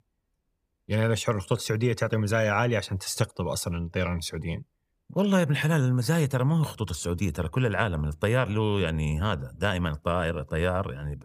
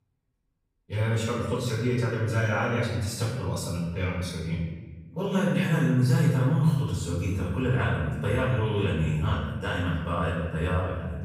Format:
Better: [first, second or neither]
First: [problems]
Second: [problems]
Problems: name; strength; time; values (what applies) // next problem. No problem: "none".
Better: first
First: none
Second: off-mic speech; far // room echo; noticeable; dies away in 1.3 s